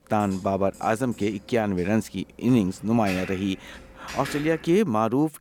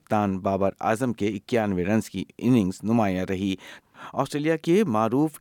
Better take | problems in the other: second | keyboard typing; noticeable; until 5 s; peak 9 dB below the speech

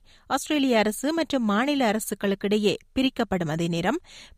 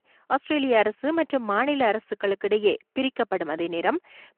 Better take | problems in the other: first | phone-call audio

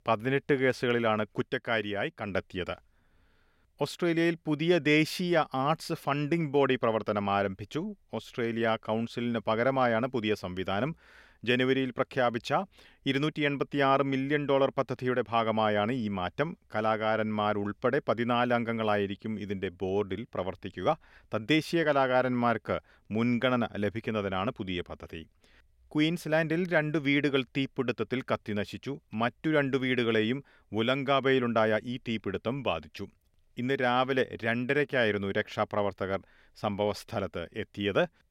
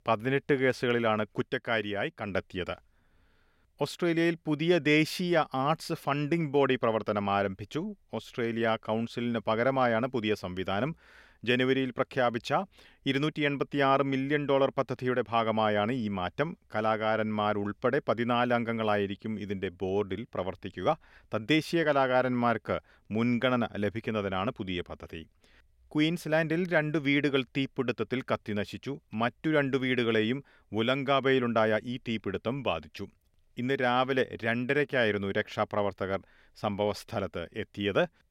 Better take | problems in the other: neither | none

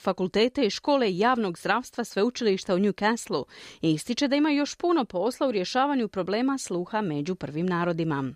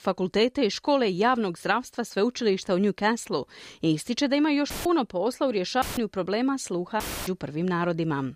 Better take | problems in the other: first | audio cutting out; filled with static; at 4.5 s, at 6 s and at 7 s

